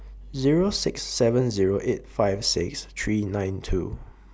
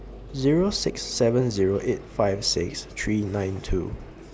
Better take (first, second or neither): first